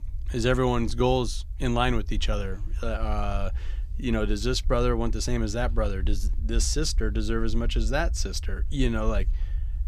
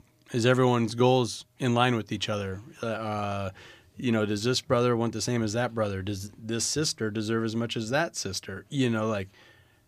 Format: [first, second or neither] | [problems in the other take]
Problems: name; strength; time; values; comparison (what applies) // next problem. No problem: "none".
second | low rumble; faint; throughout; 25 dB below the speech